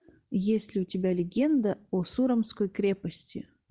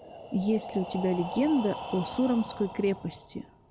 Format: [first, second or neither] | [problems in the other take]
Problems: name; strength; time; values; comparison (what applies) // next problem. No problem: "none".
first | background sound (Breathing); 11 dB below the speech